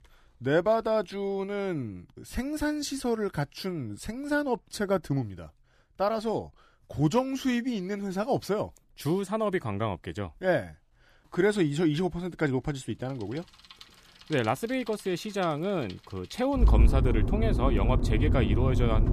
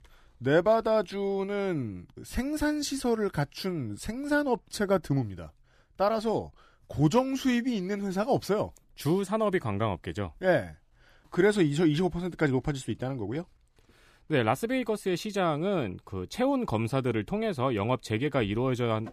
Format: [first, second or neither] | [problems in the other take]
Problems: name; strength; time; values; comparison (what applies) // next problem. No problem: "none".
second | traffic noise; very loud; from 13 s on; 3 dB above the speech